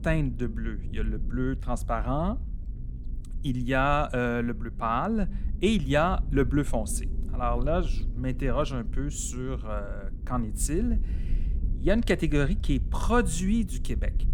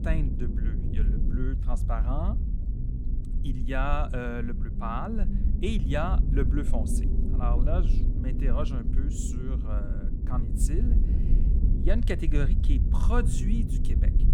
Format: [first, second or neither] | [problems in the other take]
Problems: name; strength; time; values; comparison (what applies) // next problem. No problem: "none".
first | low rumble; loud; throughout; 7 dB below the speech; faint in the first